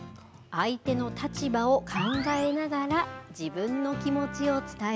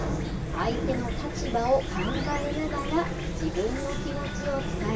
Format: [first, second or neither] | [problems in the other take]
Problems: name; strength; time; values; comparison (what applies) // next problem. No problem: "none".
first | background sound (Chirp, tweet / Fowl); 1 dB below the speech // room echo; dies away in 0.1 s